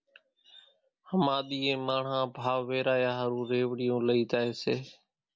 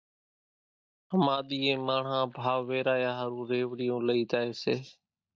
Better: first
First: none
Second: noise reduction (neural mask model DeepFilterNet 3)

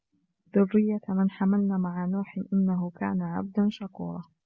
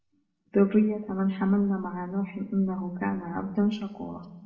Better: first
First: none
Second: room echo; dies away in 0.8 s

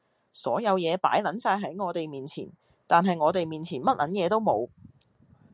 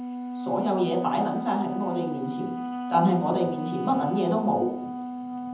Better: first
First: none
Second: background sound (Wind instrument, woodwind instrument); 5 dB below the speech // room echo; dies away in 0.8 s

